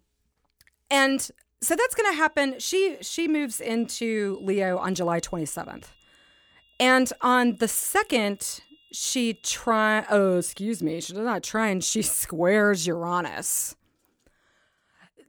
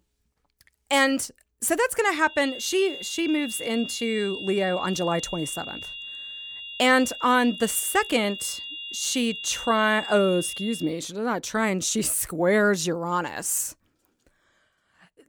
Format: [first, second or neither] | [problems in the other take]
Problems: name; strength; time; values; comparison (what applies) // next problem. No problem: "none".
first | high-pitched whine; loud; from 2.5 to 11 s; 3 kHz, 10 dB below the speech; faint in the first